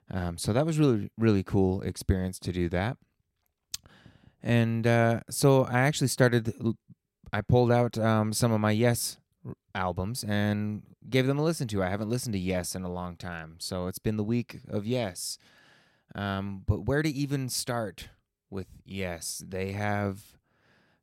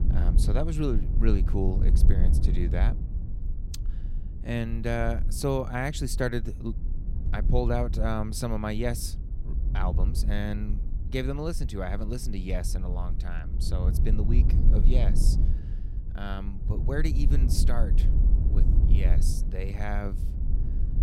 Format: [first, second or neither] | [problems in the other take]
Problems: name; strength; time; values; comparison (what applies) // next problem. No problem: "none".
first | wind noise on the microphone; occasional gusts; 10 dB below the speech